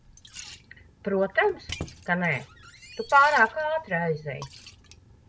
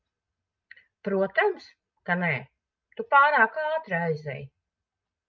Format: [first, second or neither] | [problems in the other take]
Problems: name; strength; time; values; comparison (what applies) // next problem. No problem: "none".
second | background sound (Liquid + Squeak); 17 dB below the speech